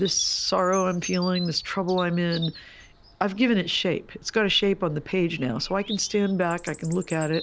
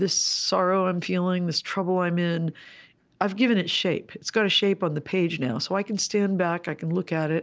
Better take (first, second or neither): second